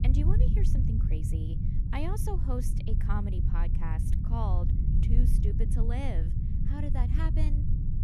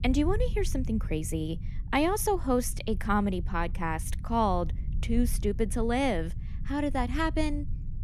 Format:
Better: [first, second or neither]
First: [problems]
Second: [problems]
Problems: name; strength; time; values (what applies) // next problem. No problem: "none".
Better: second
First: low rumble; loud; throughout; 2 dB below the speech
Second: low rumble; faint; throughout; 20 dB below the speech